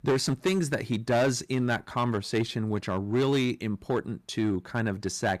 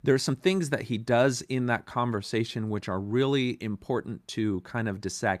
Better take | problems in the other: second | distortion; slight; 6% of the sound clipped

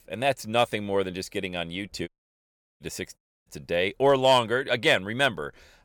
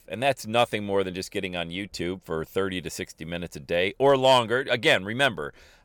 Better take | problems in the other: second | audio cutting out; at 2 s for 0.5 s and at 3 s

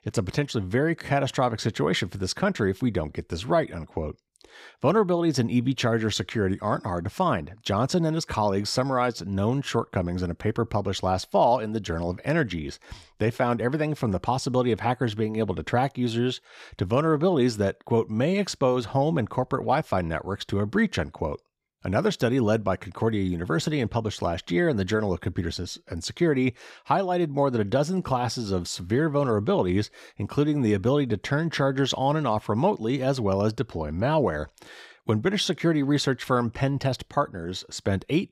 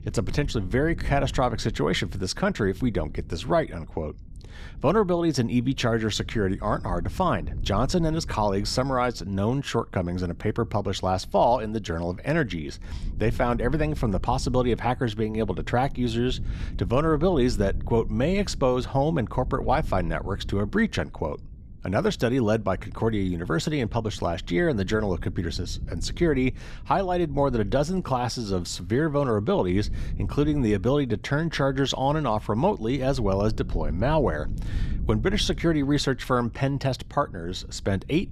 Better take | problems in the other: first | low rumble; faint; throughout; 25 dB below the speech

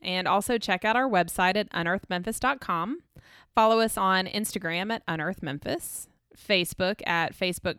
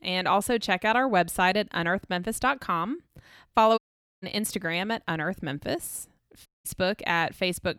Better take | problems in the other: first | audio cutting out; at 4 s and at 6.5 s

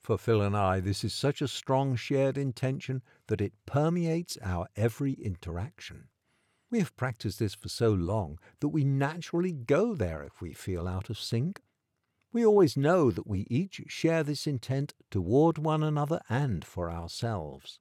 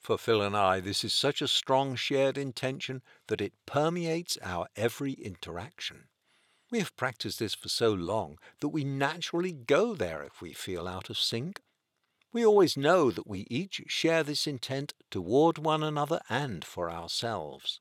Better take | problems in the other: first | thin; somewhat; fading below 500 Hz

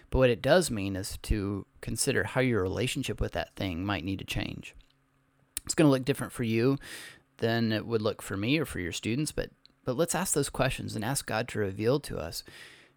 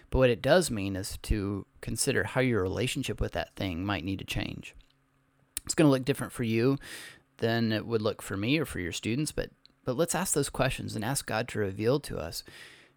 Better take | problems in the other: neither | none

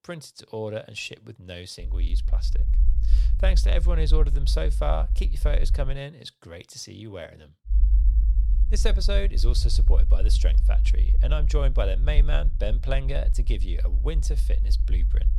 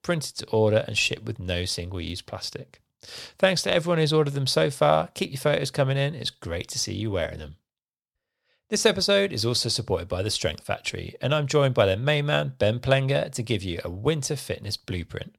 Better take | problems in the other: second | low rumble; noticeable; from 2 to 6 s and from 7.5 s on; 15 dB below the speech

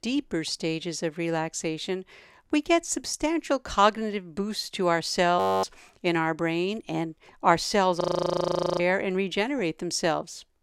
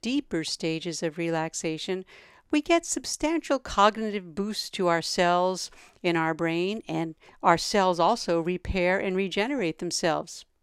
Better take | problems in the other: second | audio freezing; at 5.5 s and at 8 s for 1 s

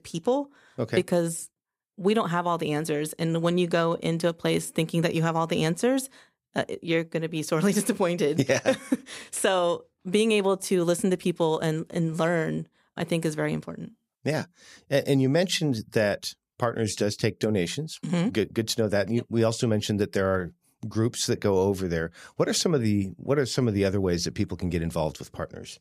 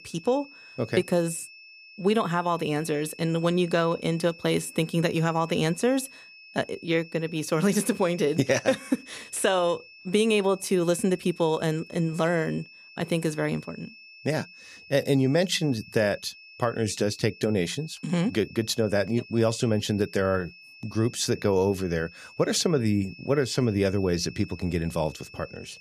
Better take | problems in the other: first | high-pitched whine; noticeable; throughout; 2.5 kHz, 20 dB below the speech

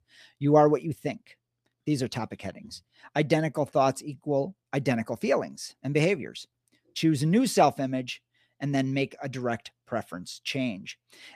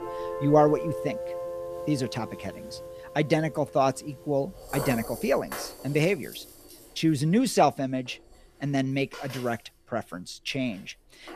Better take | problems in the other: first | background music; noticeable; throughout; 10 dB below the speech

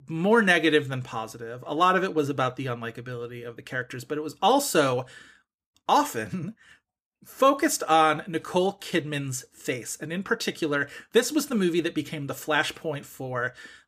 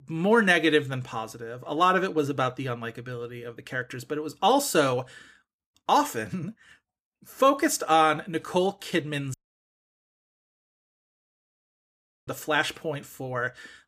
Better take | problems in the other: first | audio cutting out; at 9.5 s for 3 s

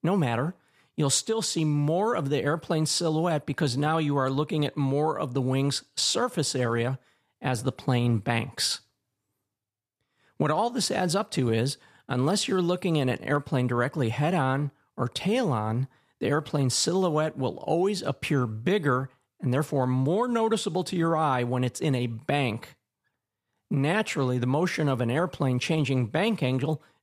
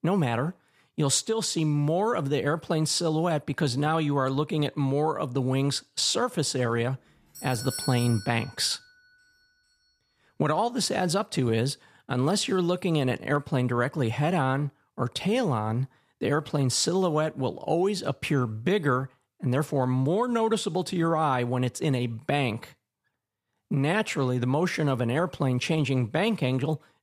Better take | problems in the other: first | doorbell; noticeable; from 7.5 to 8.5 s; peak 7 dB below the speech

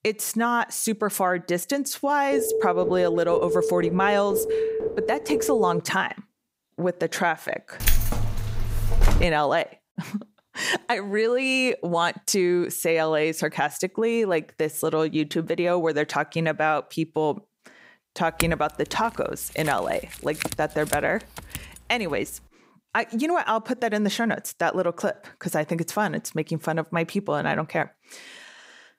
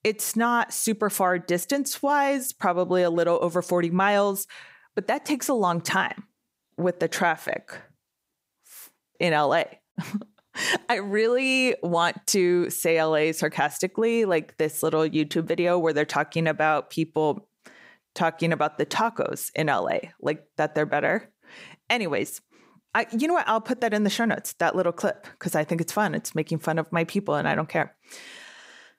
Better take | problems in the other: second | phone ringing; loud; from 2.5 to 6 s; peak level with the speech // jangling keys; loud; from 8 to 9.5 s; peak 1 dB above the speech // clattering dishes; noticeable; from 18 to 22 s; peak 4 dB below the speech

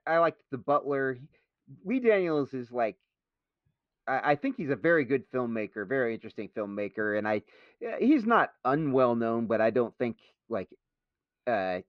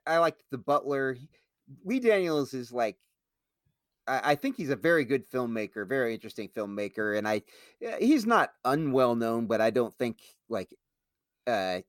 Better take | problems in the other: second | muffled; slightly; fading above 3 kHz

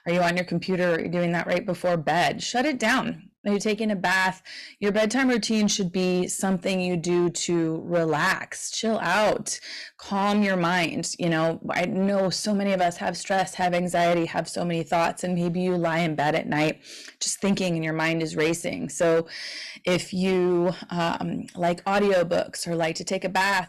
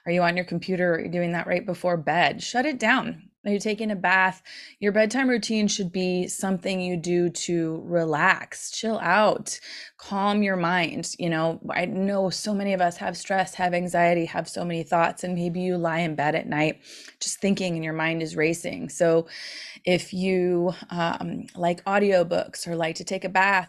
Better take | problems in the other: second | distortion; slight; 8% of the sound clipped

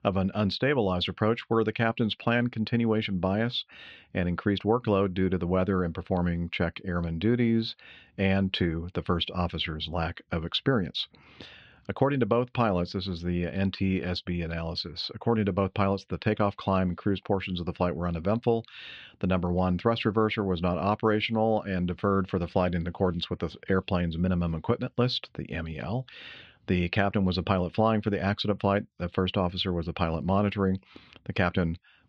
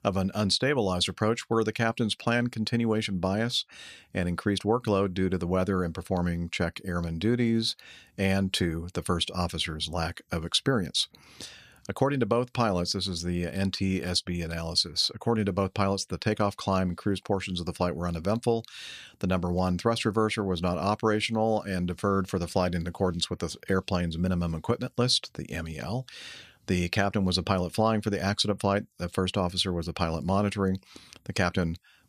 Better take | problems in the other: second | muffled; slightly; fading above 3 kHz

